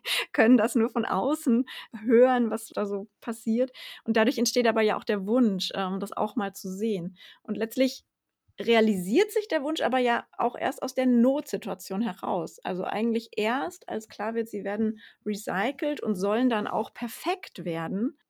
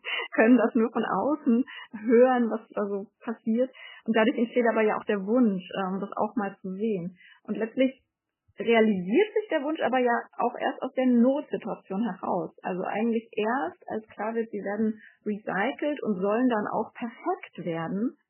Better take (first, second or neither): first